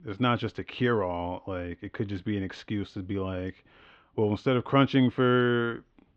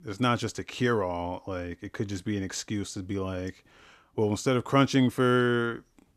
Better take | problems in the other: second | muffled; very; fading above 3.5 kHz

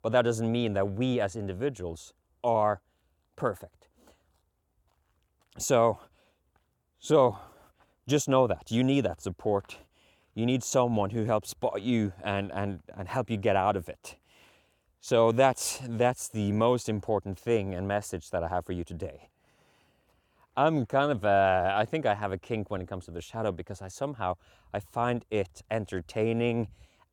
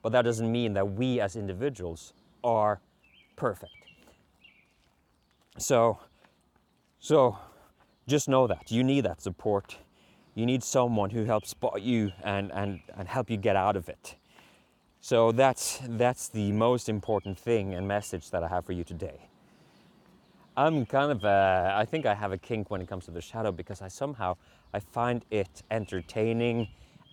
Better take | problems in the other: first | animal sounds; faint; throughout; 30 dB below the speech

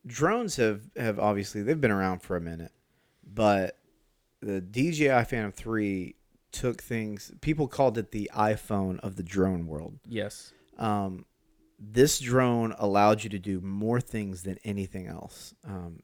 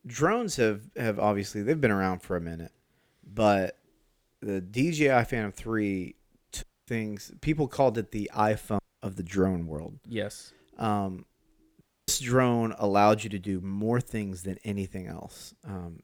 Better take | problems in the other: first | audio cutting out; at 6.5 s, at 9 s and at 12 s

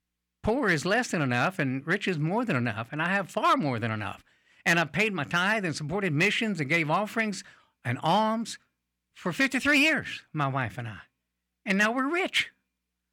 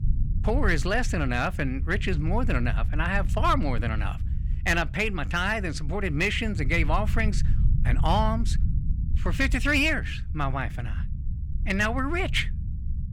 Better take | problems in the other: first | low rumble; noticeable; throughout; 20 dB below the speech

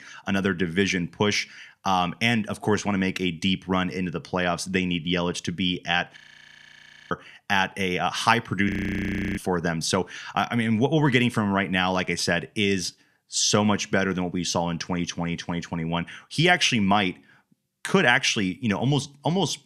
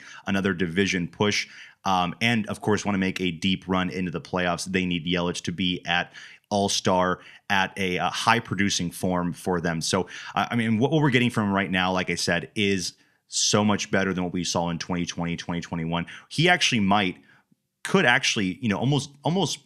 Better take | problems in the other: second | audio freezing; at 6 s for 1 s and at 8.5 s for 0.5 s

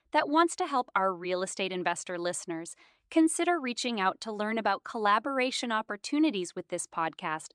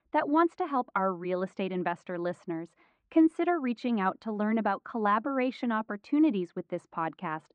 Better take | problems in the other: first | muffled; very; fading above 2 kHz

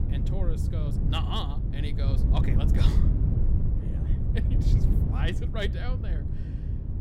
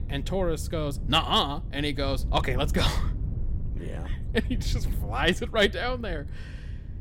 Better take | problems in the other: second | wind noise on the microphone; heavy; 3 dB below the speech; occasional gusts in the second

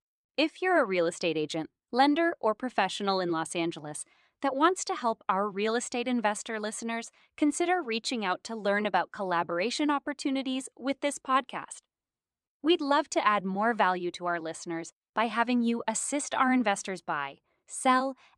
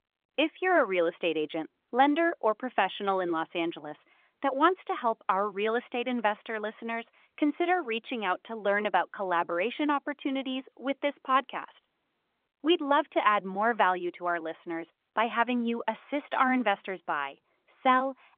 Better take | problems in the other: first | phone-call audio; nothing above 3.5 kHz

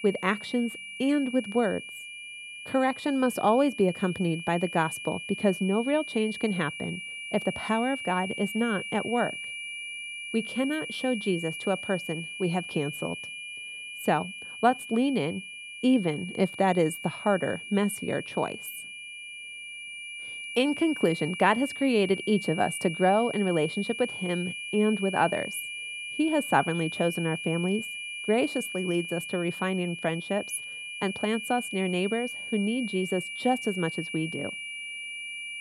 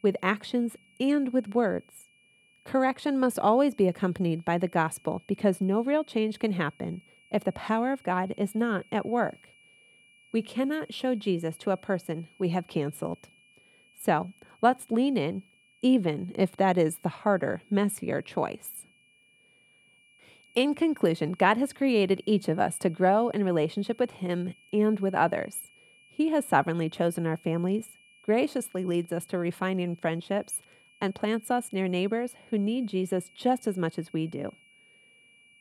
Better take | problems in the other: second | high-pitched whine; loud; throughout; 2.5 kHz, 8 dB below the speech; faint in the second

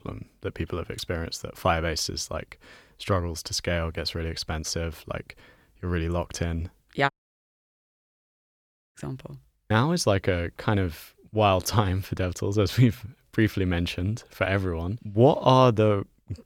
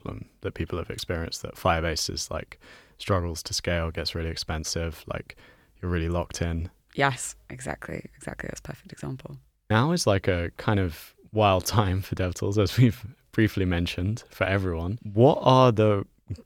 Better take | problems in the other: second | audio cutting out; at 7 s for 2 s

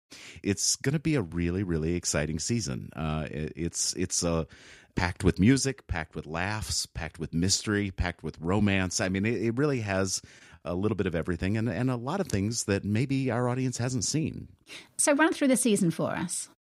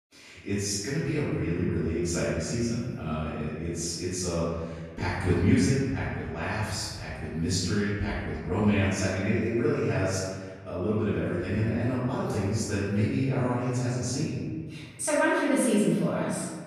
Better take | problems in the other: first | off-mic speech; far // room echo; strong; dies away in 1.5 s

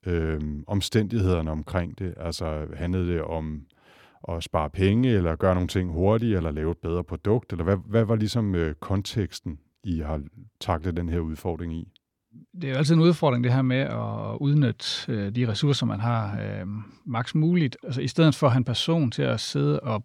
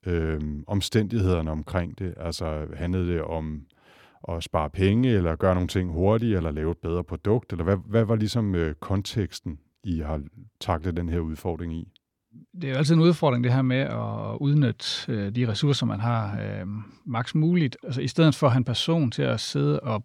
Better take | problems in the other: neither | none

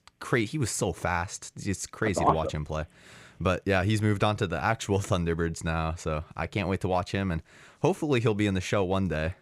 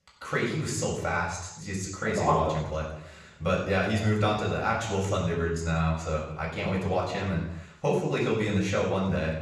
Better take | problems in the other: first | room echo; noticeable; dies away in 0.7 s // off-mic speech; far

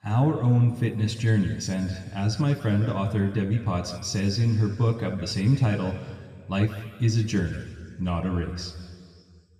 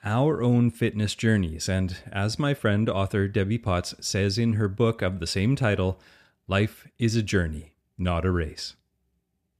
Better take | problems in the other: second | room echo; noticeable; dies away in 1.7 s // off-mic speech; somewhat distant

